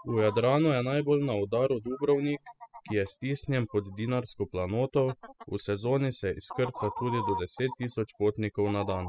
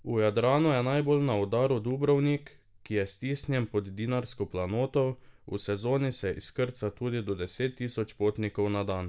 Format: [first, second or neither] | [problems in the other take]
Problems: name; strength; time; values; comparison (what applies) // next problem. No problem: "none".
second | noise reduction (classical method spectral subtraction)